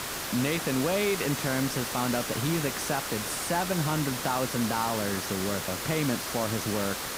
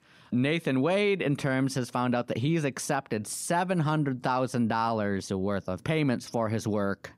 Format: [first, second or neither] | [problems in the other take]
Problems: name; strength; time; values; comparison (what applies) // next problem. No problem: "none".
second | hiss; loud; throughout; 2 dB below the speech